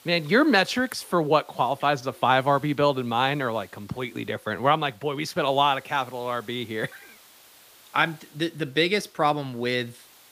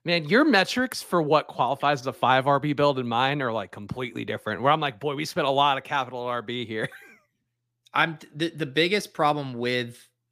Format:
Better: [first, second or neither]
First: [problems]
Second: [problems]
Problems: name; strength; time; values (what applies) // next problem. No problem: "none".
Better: second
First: hiss; faint; throughout; 25 dB below the speech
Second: none